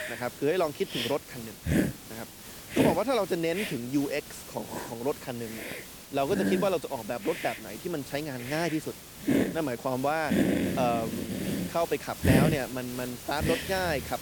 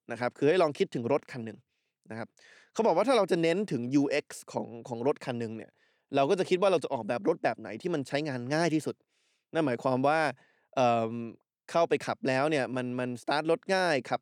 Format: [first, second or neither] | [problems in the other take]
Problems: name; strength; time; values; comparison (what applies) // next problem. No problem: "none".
second | hiss; loud; throughout; 1 dB below the speech